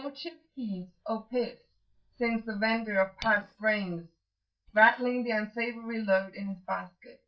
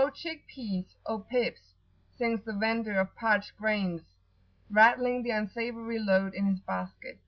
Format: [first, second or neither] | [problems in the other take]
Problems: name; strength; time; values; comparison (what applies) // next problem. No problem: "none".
second | noise reduction (neural mask model DeepFilterNet 3)